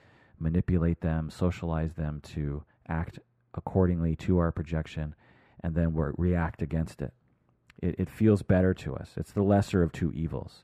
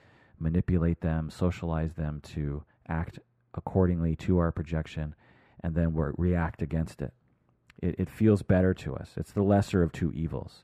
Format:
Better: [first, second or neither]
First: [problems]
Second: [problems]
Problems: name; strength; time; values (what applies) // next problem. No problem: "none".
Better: neither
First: muffled; very; fading above 2.5 kHz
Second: muffled; very; fading above 2.5 kHz